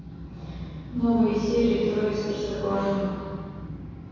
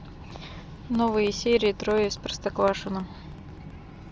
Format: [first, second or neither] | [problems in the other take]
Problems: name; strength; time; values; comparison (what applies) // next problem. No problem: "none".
second | room echo; dies away in 2 s